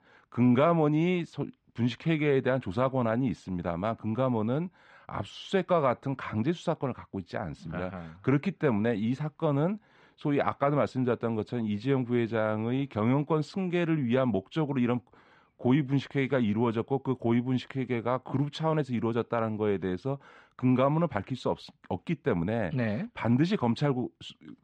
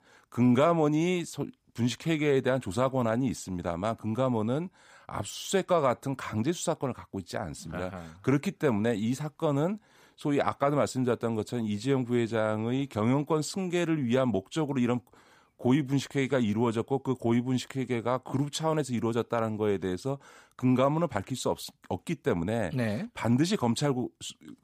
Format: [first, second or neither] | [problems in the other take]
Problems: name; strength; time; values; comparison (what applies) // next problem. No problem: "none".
second | muffled; slightly; fading above 2.5 kHz